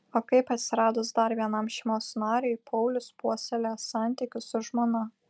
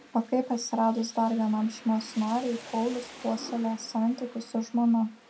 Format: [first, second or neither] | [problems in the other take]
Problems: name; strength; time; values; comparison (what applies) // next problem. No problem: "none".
first | background sound (Rain); 19 dB below the speech // room echo; dies away in 0.2 s